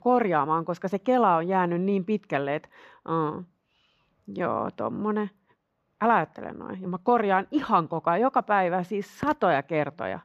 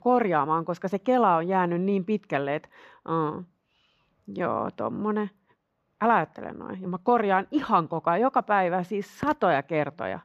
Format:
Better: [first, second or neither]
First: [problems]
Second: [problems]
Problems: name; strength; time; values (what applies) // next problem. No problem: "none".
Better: neither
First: muffled; slightly; fading above 4 kHz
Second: muffled; slightly; fading above 4 kHz